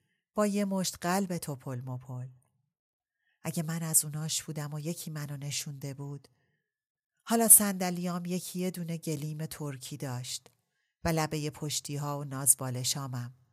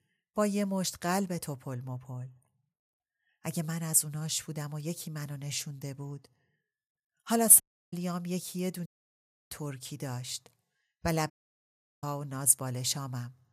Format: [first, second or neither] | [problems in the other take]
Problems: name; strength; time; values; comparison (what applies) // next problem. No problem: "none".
first | audio cutting out; at 7.5 s, at 9 s for 0.5 s and at 11 s for 0.5 s